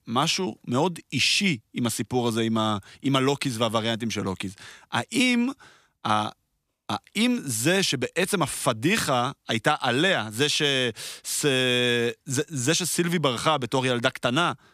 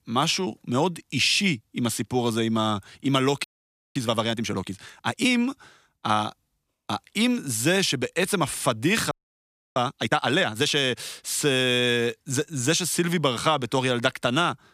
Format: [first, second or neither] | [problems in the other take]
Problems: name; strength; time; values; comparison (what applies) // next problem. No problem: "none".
first | audio freezing; at 3.5 s for 0.5 s and at 9 s for 0.5 s